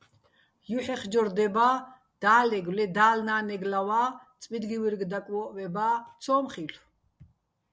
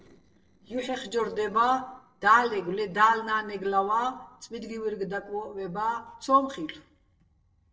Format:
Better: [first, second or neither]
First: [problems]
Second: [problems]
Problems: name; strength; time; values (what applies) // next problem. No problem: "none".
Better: first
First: none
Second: noise reduction (neural separator model SepFormer DNS4)